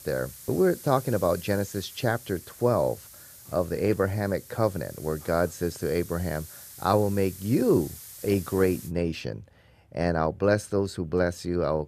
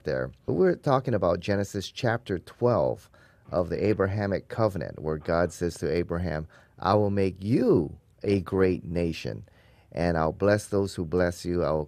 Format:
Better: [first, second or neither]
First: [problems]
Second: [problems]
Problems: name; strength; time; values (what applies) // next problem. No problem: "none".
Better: second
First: hiss; noticeable; until 9 s; 15 dB below the speech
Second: none